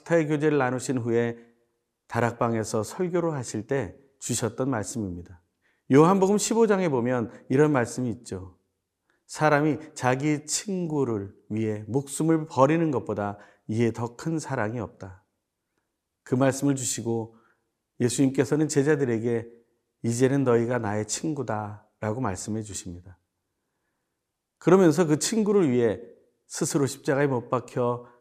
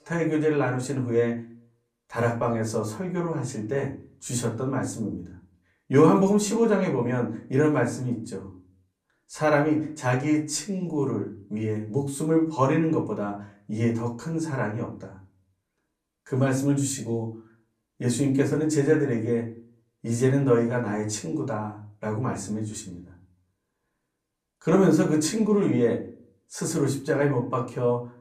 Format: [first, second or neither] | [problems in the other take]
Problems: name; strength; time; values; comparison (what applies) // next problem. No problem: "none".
first | off-mic speech; far // room echo; very slight; dies away in 0.4 s